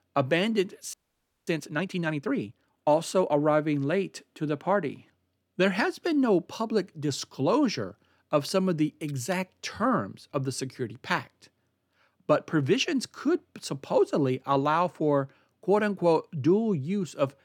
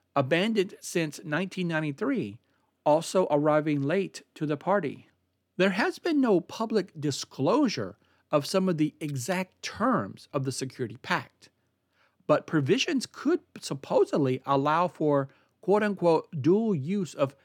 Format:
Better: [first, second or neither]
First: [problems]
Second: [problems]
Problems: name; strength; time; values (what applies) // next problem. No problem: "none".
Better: second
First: audio freezing; at 1 s for 0.5 s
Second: none